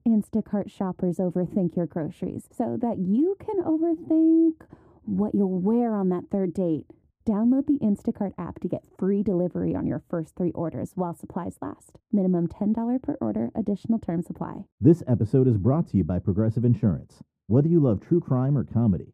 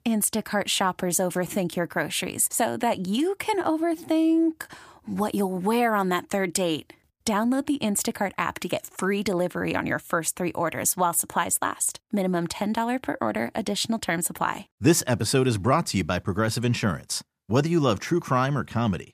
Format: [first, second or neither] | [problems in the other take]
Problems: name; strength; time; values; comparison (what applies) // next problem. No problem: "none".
second | muffled; very; fading above 1 kHz